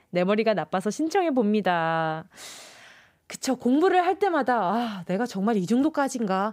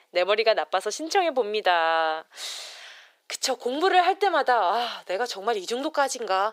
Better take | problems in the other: first | thin; very; fading below 400 Hz

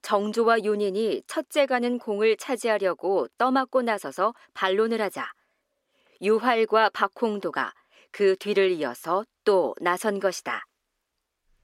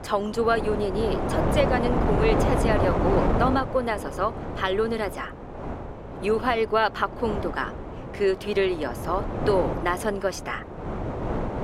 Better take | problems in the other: first | wind noise on the microphone; heavy; 5 dB below the speech

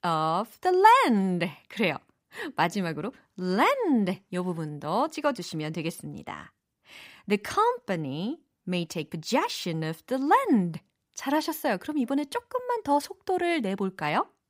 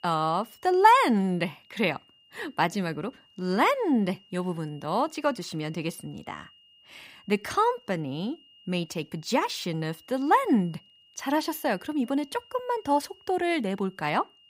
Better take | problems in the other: first | high-pitched whine; faint; throughout; 3 kHz, 30 dB below the speech

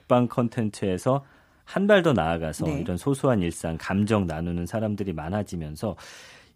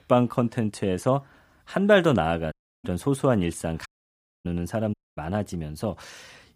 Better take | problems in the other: first | audio cutting out; at 2.5 s, at 4 s for 0.5 s and at 5 s

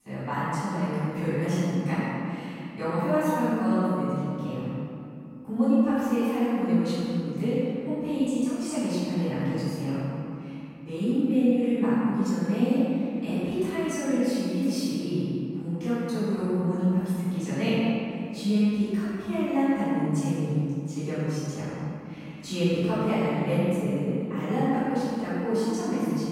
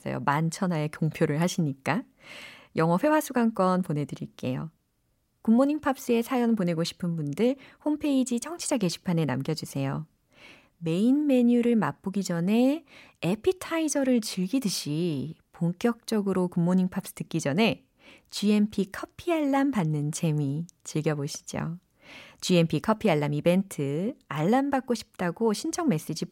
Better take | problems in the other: second | off-mic speech; far // room echo; strong; dies away in 2.6 s

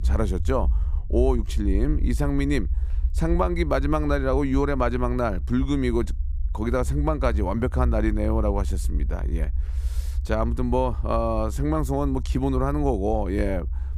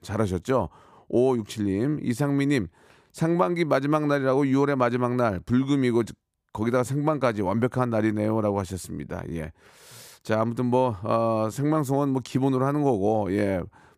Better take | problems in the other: second | low rumble; faint; throughout; 20 dB below the speech

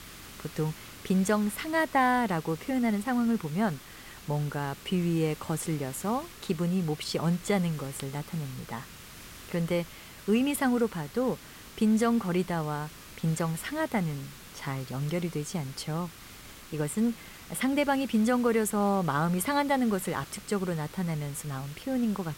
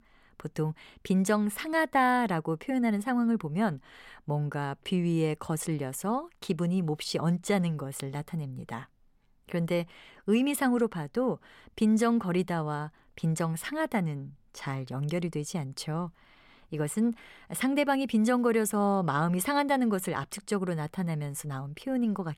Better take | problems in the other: second | hiss; noticeable; throughout; 15 dB below the speech

